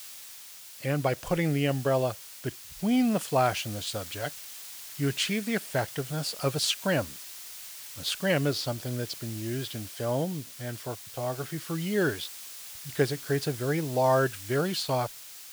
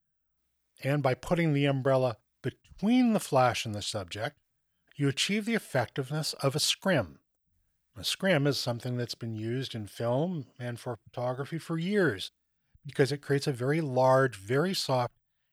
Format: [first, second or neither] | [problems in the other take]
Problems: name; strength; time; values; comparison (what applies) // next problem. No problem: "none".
second | hiss; noticeable; throughout; 10 dB below the speech